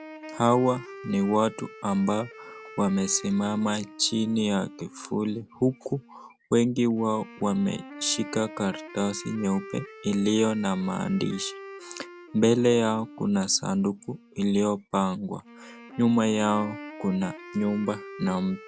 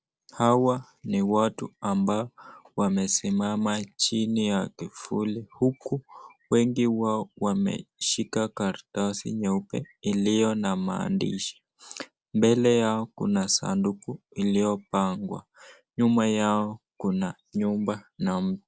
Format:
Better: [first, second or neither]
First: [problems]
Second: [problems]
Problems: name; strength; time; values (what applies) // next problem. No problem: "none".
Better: second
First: background sound (Wind instrument, woodwind instrument); 17 dB below the speech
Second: none